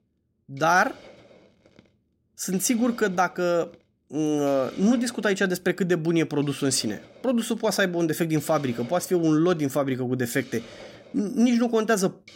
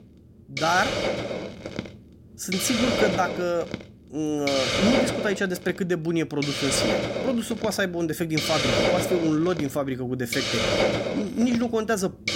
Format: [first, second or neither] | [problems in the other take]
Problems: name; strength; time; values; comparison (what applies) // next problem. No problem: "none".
first | hiss; loud; throughout; 1 dB below the speech; faint in the first